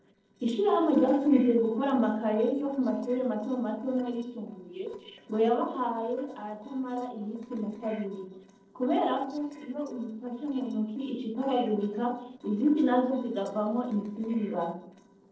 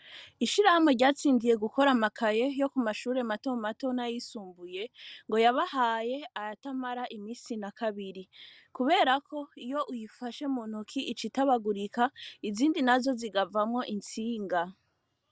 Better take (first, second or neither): second